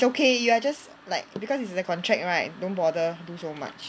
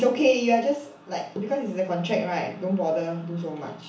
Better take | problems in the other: first | room echo; dies away in 0.8 s

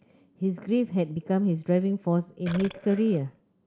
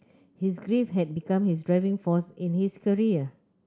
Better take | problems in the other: second | background sound (Burping, eructation); 16 dB below the speech

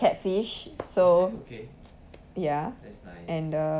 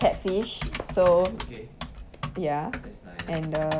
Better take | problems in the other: first | background sound (Typing); 10 dB below the speech

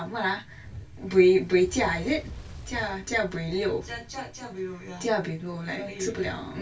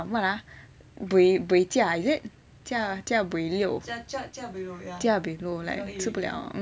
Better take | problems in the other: second | background sound (Fire); 17 dB below the speech // room echo; dies away in 0.2 s

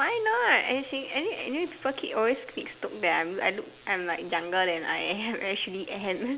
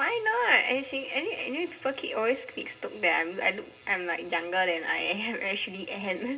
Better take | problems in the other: first | room echo; dies away in 0.2 s

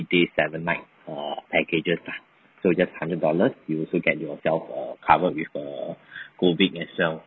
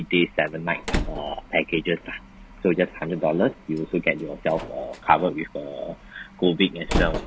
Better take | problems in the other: first | background sound (Slam); 8 dB below the speech

